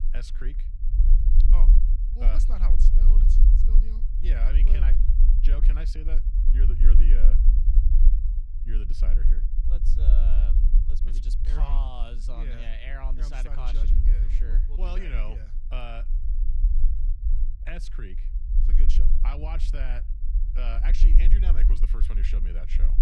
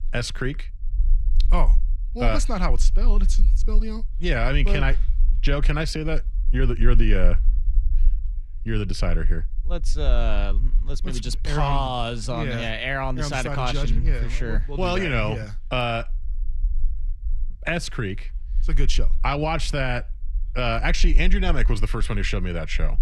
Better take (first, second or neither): second